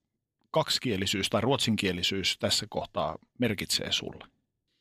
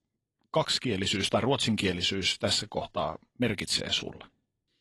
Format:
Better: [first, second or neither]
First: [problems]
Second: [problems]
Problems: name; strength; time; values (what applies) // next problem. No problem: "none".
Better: first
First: none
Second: garbled, watery; slightly; nothing above 11 kHz